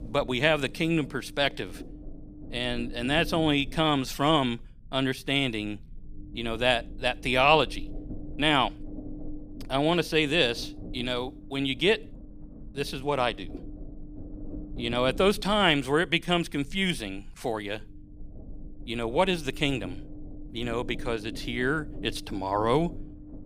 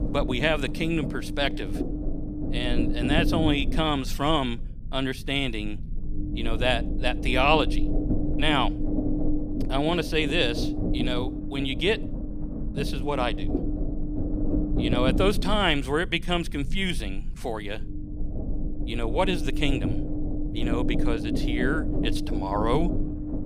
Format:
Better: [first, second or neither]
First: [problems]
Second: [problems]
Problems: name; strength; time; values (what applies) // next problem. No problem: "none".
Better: first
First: low rumble; faint; throughout; 20 dB below the speech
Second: low rumble; loud; throughout; 8 dB below the speech